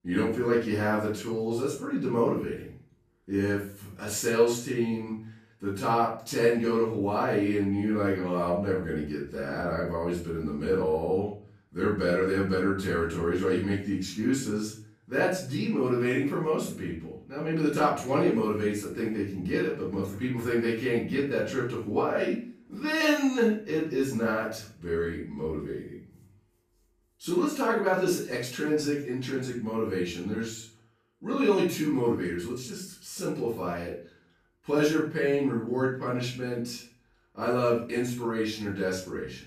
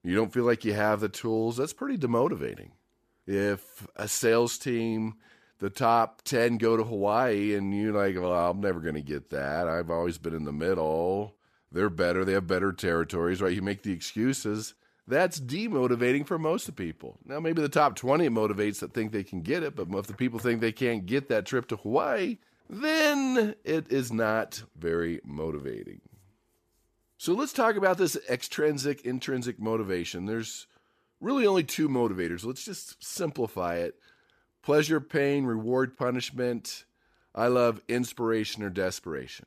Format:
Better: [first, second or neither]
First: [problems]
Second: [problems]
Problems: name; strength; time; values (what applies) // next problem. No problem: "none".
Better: second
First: off-mic speech; far // room echo; noticeable; dies away in 0.4 s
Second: none